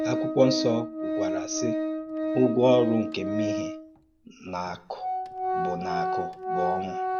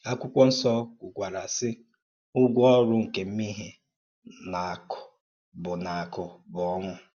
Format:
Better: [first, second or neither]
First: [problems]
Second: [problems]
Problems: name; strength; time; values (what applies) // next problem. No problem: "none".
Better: second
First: background sound (Organ); 1 dB below the speech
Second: none